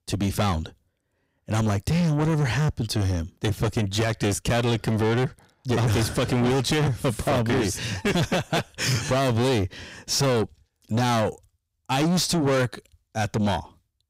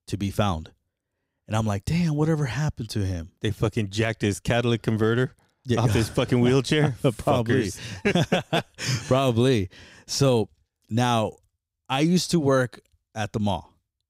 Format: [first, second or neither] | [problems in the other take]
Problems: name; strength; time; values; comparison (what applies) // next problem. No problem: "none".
second | distortion; heavy; 6 dB below the speech